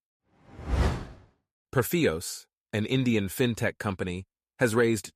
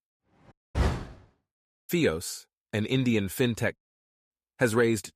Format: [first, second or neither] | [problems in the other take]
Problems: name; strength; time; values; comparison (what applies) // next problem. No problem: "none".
first | audio cutting out; at 0.5 s, at 1.5 s and at 4 s for 0.5 s